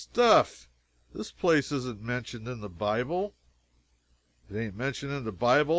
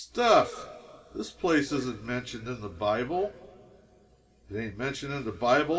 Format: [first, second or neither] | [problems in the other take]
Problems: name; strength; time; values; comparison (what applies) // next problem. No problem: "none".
first | room echo; dies away in 2.6 s